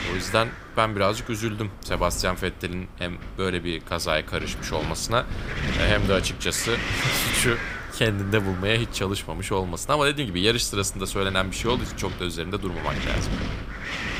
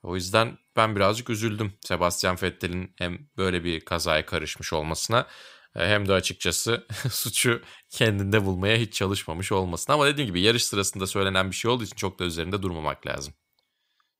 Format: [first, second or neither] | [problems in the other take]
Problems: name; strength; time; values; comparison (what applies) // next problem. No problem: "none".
second | wind noise on the microphone; heavy; 6 dB below the speech